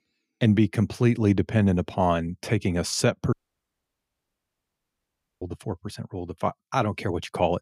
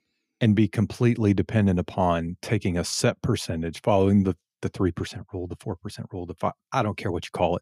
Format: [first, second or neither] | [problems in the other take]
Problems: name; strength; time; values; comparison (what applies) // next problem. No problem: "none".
second | audio cutting out; at 3.5 s for 2 s